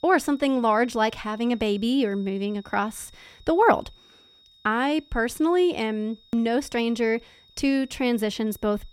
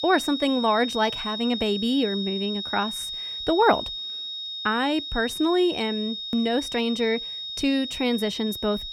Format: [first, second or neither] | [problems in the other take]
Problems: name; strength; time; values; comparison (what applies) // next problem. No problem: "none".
first | high-pitched whine; loud; throughout; 3.5 kHz, 5 dB below the speech; faint in the first